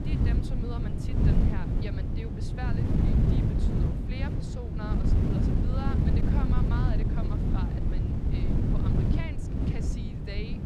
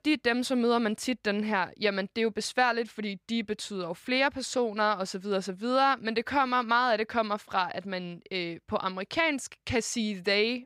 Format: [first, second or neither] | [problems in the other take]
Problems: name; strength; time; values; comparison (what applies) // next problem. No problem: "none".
second | wind noise on the microphone; heavy; 5 dB above the speech